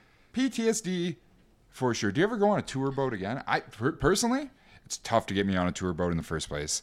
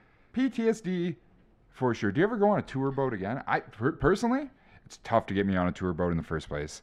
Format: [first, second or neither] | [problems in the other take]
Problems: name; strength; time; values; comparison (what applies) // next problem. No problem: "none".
first | muffled; slightly; fading above 3.5 kHz